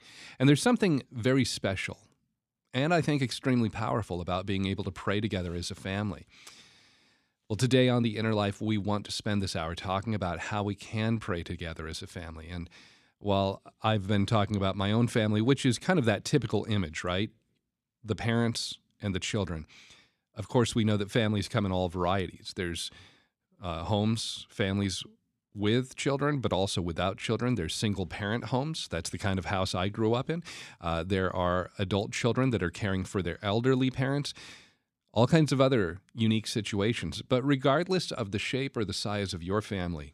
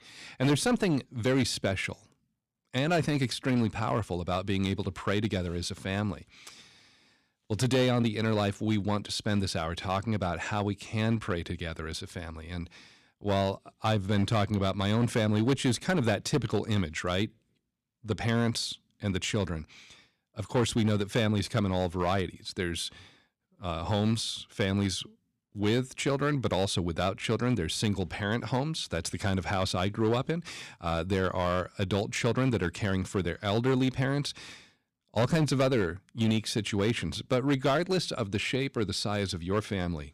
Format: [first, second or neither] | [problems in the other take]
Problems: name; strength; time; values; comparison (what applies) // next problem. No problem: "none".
first | distortion; slight; 6% of the sound clipped